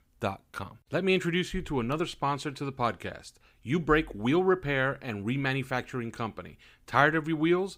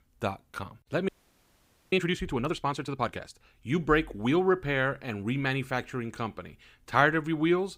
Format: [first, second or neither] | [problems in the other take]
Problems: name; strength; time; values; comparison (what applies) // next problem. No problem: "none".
first | audio freezing; at 1 s for 1 s